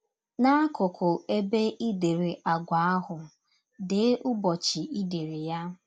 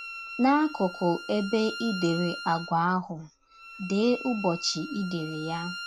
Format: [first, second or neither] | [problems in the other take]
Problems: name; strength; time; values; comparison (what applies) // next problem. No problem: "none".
first | background sound (Bowed string instrument); 12 dB below the speech